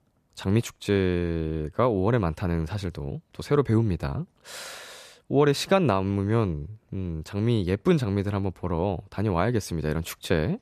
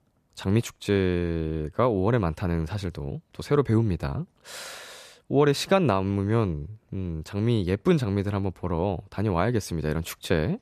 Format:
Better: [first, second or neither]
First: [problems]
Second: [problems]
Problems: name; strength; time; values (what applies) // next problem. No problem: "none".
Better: neither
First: none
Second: none